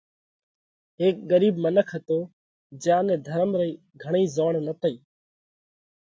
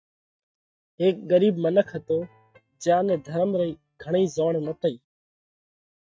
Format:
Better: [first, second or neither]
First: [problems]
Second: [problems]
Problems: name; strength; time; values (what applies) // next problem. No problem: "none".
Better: first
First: none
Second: noise reduction (neural mask model RNNoise)